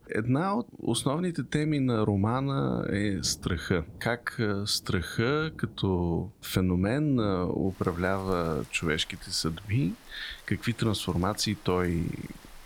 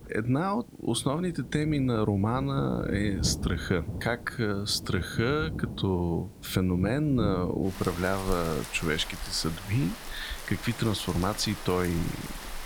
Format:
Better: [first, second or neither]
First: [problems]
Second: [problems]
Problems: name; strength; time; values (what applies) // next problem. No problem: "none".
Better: first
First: rain or running water; faint; throughout; 20 dB below the speech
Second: rain or running water; loud; throughout; 9 dB below the speech